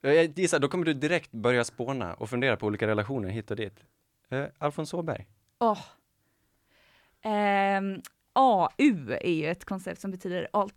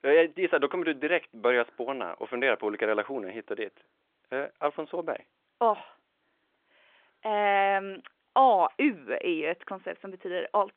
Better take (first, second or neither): first